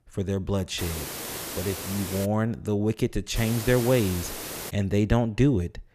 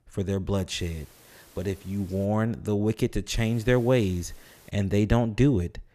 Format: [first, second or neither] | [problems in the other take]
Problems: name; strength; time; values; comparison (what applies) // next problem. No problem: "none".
second | hiss; loud; from 1 to 2.5 s and from 3.5 to 4.5 s; 8 dB below the speech; faint in the second